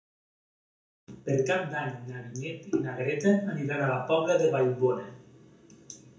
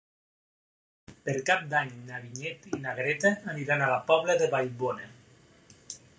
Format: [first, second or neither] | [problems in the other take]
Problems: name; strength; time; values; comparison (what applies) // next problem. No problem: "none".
second | room echo; dies away in 0.6 s